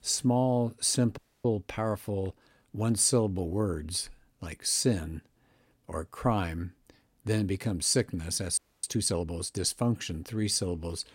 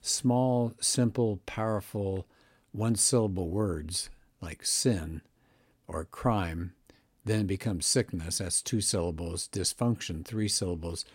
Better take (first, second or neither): second